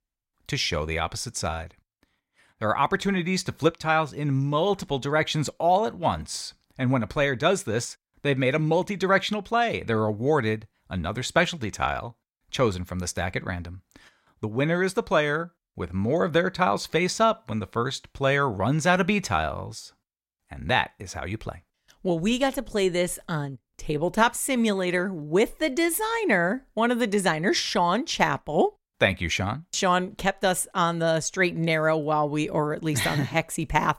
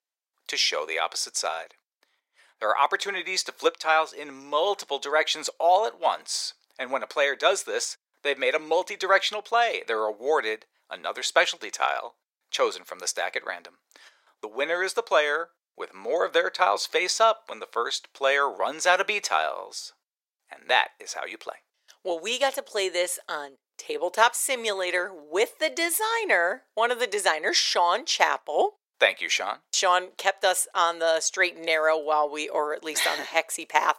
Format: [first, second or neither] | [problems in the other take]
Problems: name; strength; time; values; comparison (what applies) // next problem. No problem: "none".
first | thin; very; fading below 450 Hz